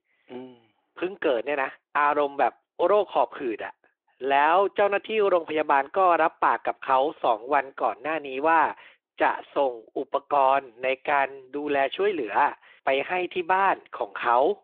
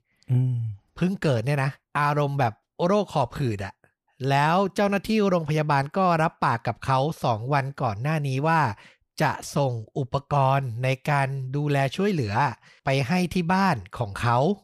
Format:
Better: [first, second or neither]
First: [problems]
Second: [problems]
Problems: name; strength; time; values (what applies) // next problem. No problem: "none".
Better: second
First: phone-call audio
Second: none